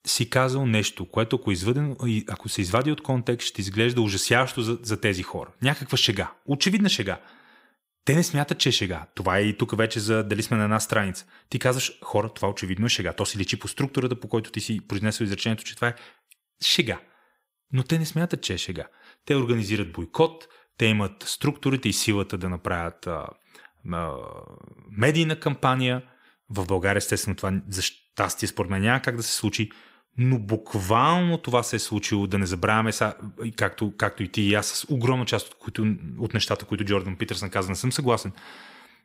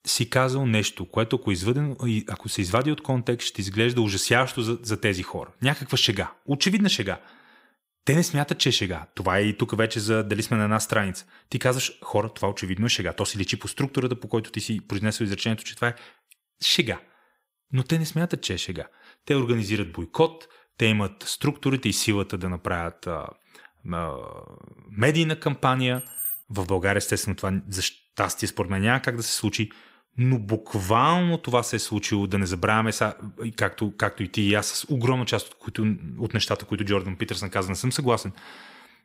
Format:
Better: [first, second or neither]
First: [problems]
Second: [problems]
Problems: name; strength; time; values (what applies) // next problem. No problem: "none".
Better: first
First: none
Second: jangling keys; noticeable; at 26 s; peak 4 dB below the speech